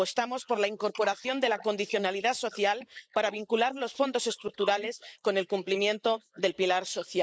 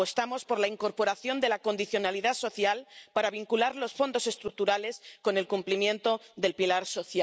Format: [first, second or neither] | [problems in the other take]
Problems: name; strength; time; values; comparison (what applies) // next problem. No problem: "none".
second | noise reduction (neural mask model Resemble Enhance denoiser)